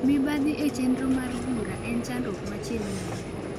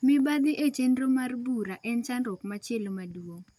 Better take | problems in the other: second | background sound (Vehicle); 5 dB below the speech

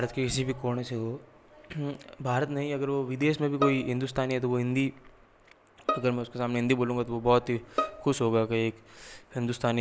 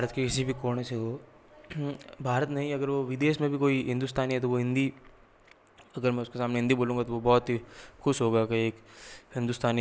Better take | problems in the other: second | background sound (Bowed string instrument); 8 dB below the speech

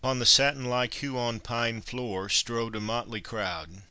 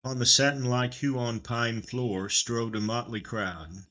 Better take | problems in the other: first | noise reduction (neural mask model DeepFilterNet 3)

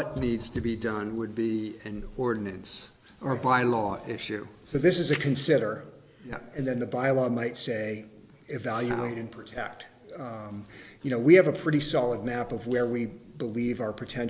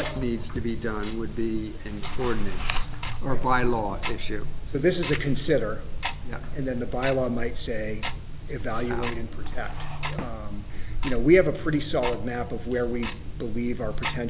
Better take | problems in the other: first | background sound (Tick-tock); 1 dB above the speech

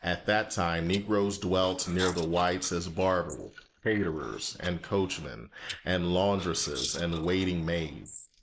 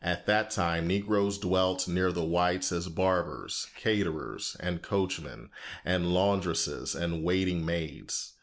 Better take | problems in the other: second | noise reduction (neural mask model Resemble Enhance denoiser)

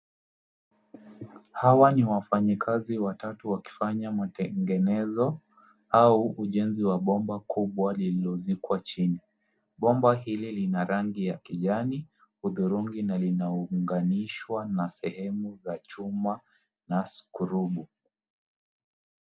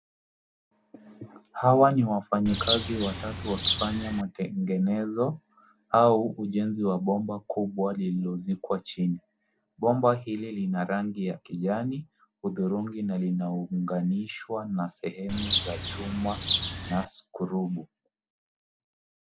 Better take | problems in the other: first | background sound (Bird); 3 dB below the speech

